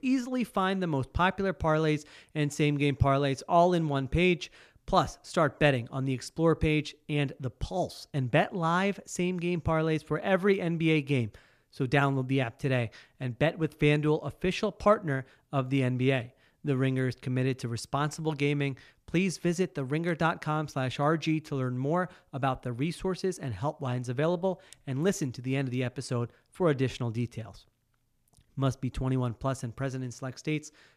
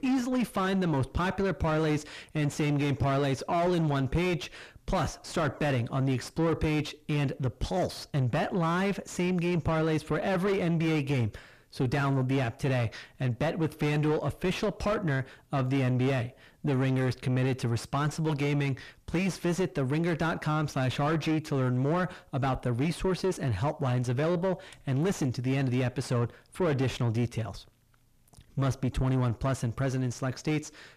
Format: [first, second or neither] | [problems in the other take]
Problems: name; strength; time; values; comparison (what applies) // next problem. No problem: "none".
first | distortion; heavy; 5 dB below the speech